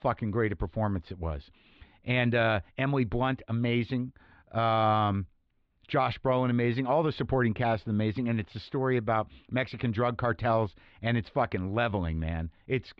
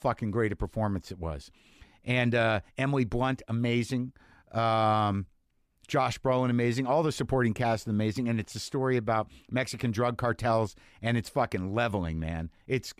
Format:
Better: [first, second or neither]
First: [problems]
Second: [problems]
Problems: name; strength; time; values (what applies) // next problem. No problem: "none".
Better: second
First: muffled; slightly; fading above 4 kHz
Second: none